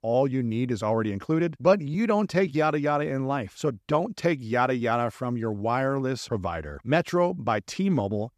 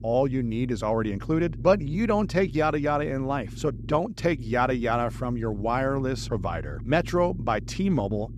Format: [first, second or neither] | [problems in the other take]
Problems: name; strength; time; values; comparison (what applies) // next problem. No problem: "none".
first | low rumble; faint; throughout; 20 dB below the speech